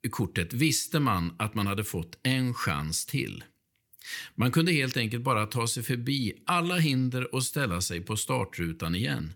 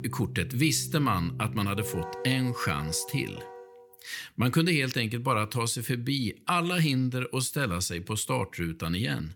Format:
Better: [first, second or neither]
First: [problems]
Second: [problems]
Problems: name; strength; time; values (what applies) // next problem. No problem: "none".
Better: first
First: none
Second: background music; noticeable; until 3.5 s; 10 dB below the speech